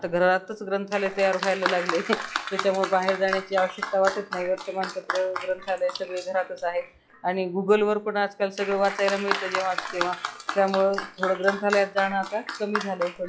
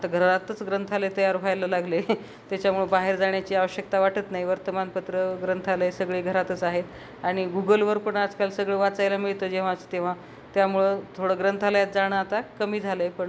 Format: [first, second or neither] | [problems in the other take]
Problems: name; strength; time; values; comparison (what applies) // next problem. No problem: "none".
second | noise reduction (classical method log-MMSE)